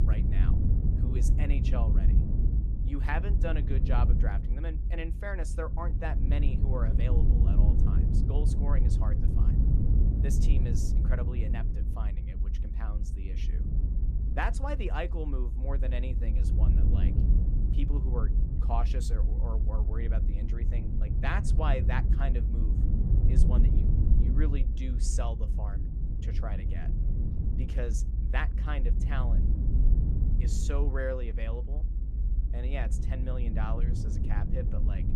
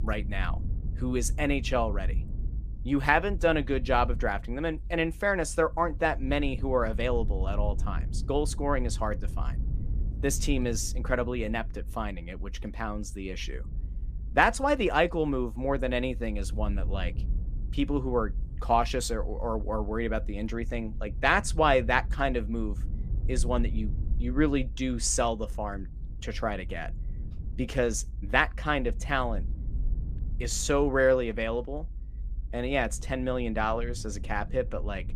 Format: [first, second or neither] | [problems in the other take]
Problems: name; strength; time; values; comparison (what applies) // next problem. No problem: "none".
second | low rumble; loud; throughout; 5 dB below the speech; faint in the second